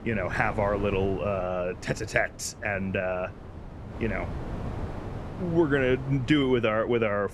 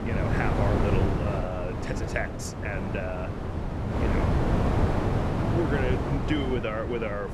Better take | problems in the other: first | wind noise on the microphone; heavy; as loud as the speech; occasional gusts in the first

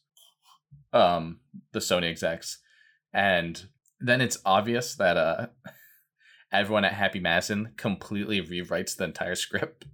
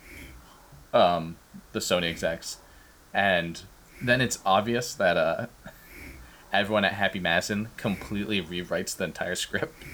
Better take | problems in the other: first | hiss; faint; throughout; 25 dB below the speech

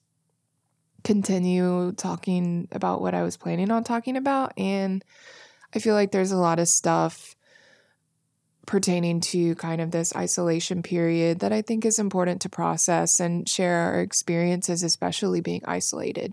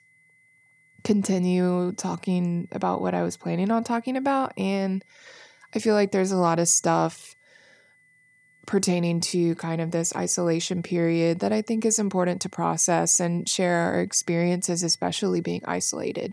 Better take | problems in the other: first | high-pitched whine; faint; throughout; 2 kHz, 35 dB below the speech

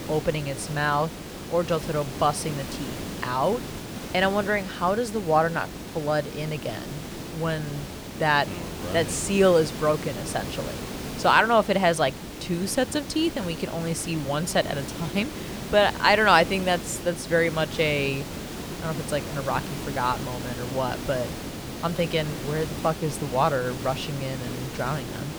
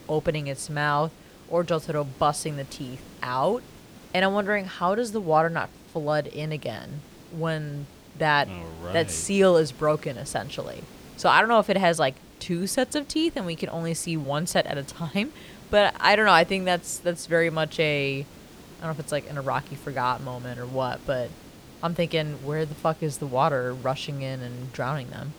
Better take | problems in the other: second | hiss; loud; throughout; 9 dB below the speech; faint in the second

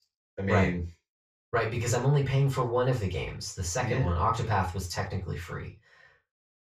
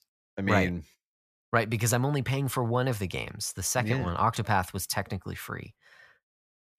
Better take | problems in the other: second | room echo; slight; dies away in 0.2 s // off-mic speech; far

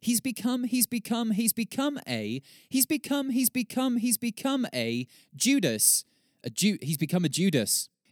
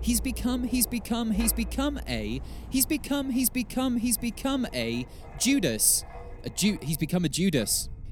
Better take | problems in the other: first | wind noise on the microphone; occasional gusts; 20 dB below the speech

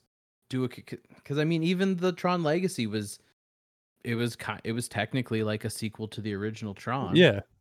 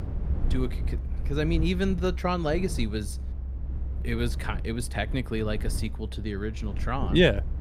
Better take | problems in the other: first | low rumble; noticeable; throughout; 15 dB below the speech

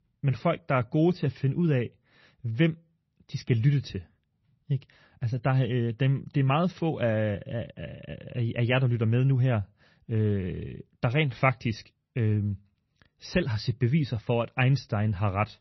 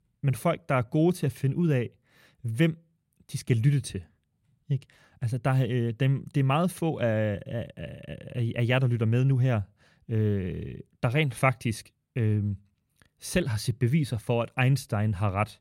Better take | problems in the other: second | garbled, watery; slightly; nothing above 6 kHz

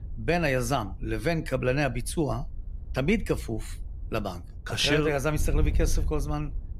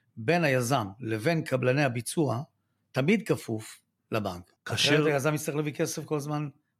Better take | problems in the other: second | wind noise on the microphone; occasional gusts; 25 dB below the speech

